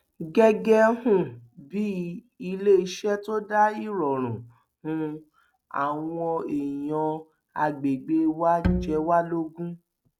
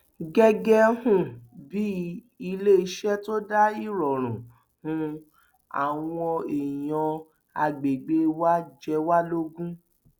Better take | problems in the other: second | noise reduction (neural mask model RNNoise)

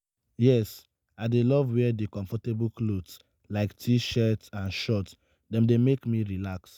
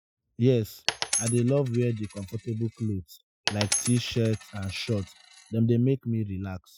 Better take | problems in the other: first | noise reduction (classical method Wiener filter)

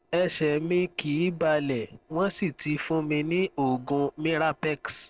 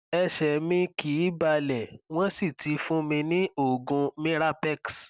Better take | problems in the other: second | noise reduction (neural separator model SepFormer DNS4)

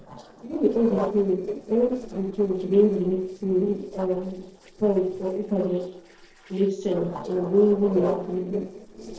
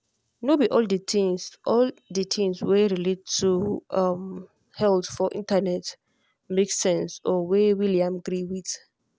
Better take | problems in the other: second | noise reduction (neural separator model SepFormer DNS4)

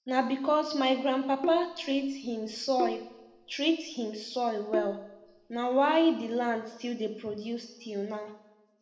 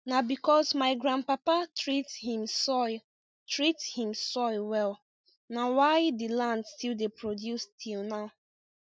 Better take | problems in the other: second | background sound (Bowed string instrument); 9 dB below the speech // room echo; dies away in 0.9 s

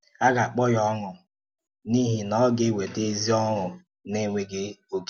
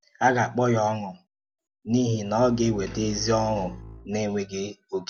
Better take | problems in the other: first | background sound (Bowed string instrument); 16 dB below the speech

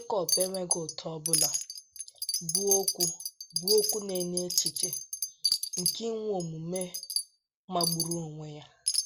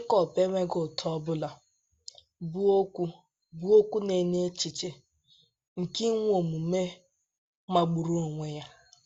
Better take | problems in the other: second | background sound (Wind chime); 2 dB above the speech

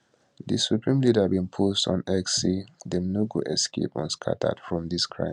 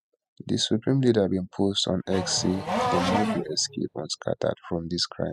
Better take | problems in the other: first | noise reduction (classical method spectral subtraction)

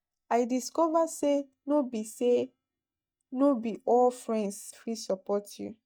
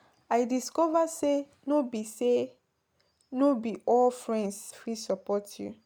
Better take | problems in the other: second | noise reduction (neural mask model DeepFilterNet 3)

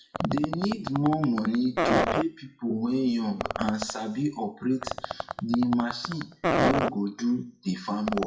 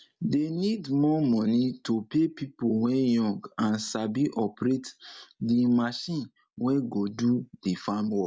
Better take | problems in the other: second | noise reduction (classical method WPE with log-MMSE)

